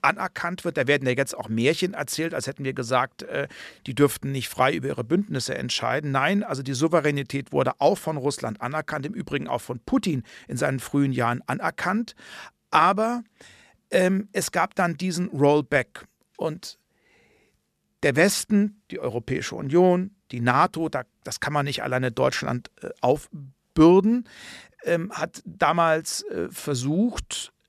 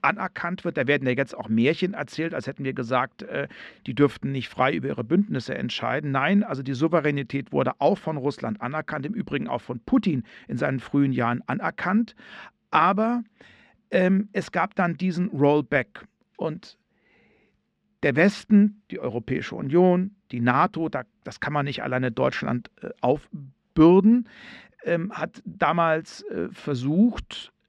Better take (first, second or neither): first